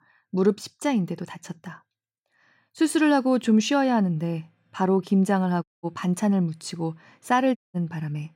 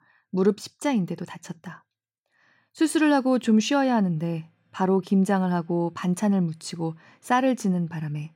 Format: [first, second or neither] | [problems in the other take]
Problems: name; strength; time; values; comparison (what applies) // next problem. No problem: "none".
second | audio cutting out; at 5.5 s and at 7.5 s